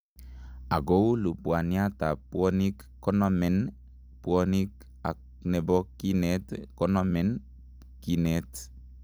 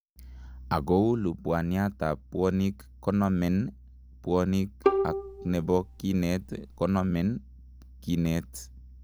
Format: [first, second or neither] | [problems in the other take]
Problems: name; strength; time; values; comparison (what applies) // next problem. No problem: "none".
first | background sound (Bowed string instrument); 3 dB below the speech